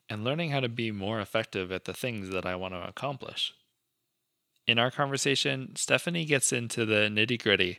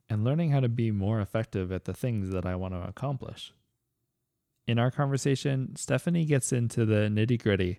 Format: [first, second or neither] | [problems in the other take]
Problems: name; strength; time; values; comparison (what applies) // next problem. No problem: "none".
second | thin; somewhat; fading below 600 Hz